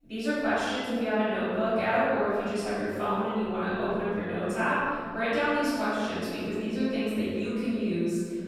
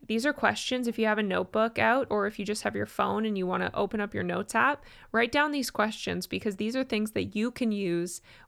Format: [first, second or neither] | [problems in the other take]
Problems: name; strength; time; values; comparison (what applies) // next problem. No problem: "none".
second | off-mic speech; far // room echo; strong; dies away in 2.1 s